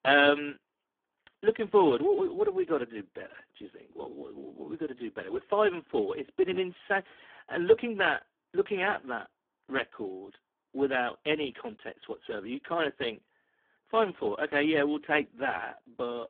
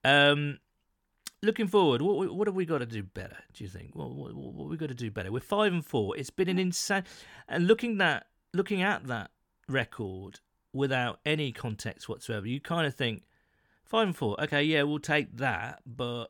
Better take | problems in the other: second | phone-call audio; poor line; nothing above 3.5 kHz

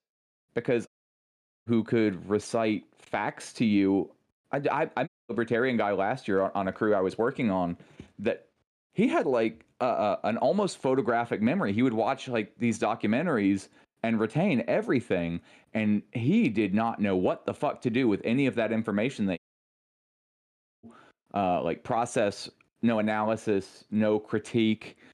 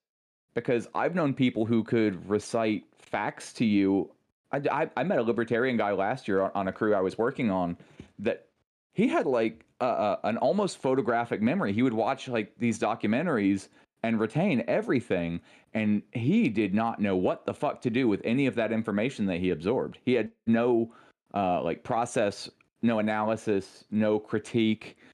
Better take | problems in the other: second | audio cutting out; at 1 s for 1 s, at 5 s and at 19 s for 1.5 s

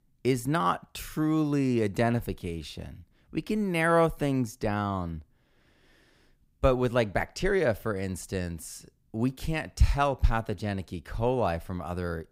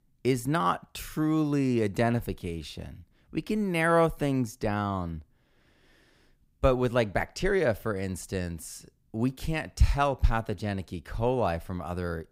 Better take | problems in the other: neither | none

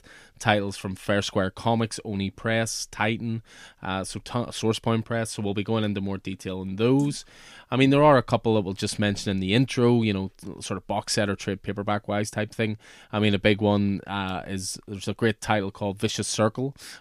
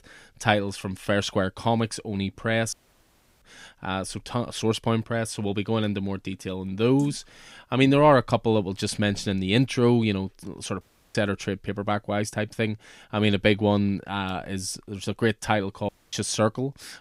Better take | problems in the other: first | audio cutting out; at 2.5 s for 0.5 s, at 11 s and at 16 s

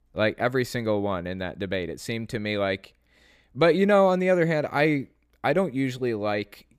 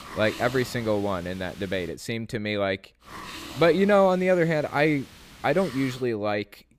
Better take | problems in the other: first | hiss; noticeable; until 2 s and from 3 to 6 s; 15 dB below the speech

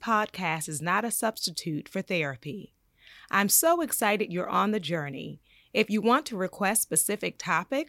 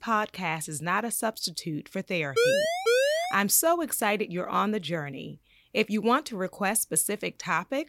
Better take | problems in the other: first | siren; loud; at 2.5 s; peak 4 dB above the speech

